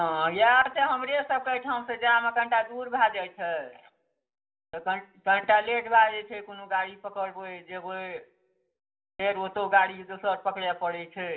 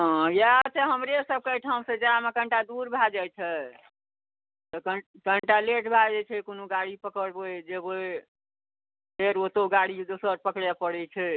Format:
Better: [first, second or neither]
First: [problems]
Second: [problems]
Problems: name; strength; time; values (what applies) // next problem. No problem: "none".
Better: second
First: room echo; dies away in 0.4 s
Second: none